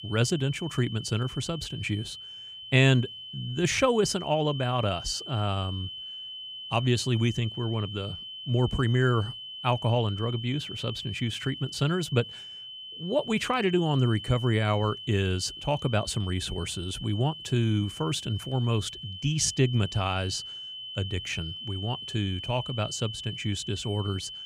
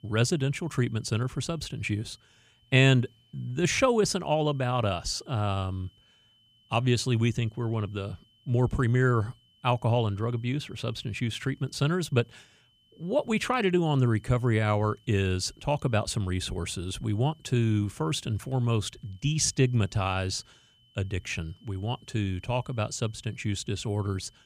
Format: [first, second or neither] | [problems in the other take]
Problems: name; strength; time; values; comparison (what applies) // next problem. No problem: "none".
second | high-pitched whine; loud; throughout; 3 kHz, 10 dB below the speech; faint in the second